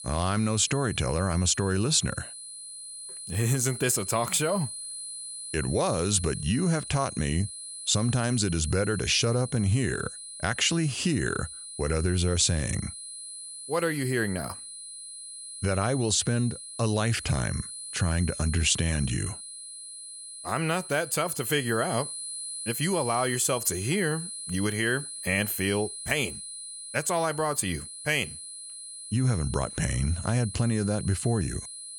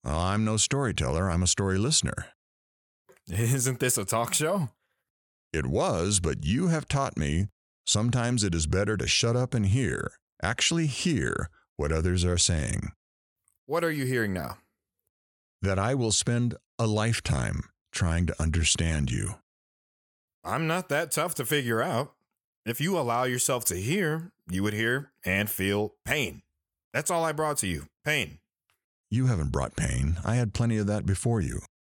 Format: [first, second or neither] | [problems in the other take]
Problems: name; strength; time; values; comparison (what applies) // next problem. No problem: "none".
second | high-pitched whine; loud; throughout; 10 kHz, 10 dB below the speech